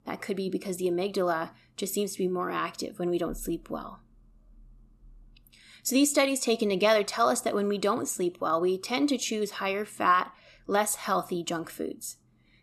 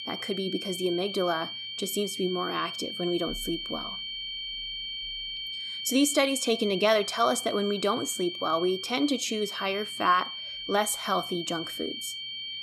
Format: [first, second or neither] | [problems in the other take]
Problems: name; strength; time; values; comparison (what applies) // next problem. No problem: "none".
first | high-pitched whine; loud; throughout; 3 kHz, 6 dB below the speech